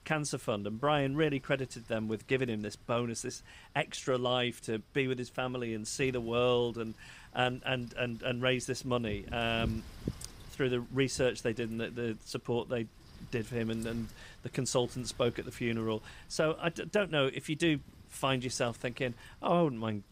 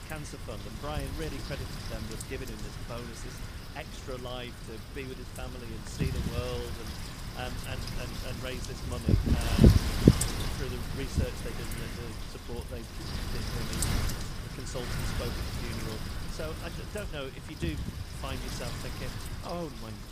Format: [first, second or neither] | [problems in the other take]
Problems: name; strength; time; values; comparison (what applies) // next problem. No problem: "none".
first | wind noise on the microphone; heavy; 4 dB above the speech; occasional gusts in the first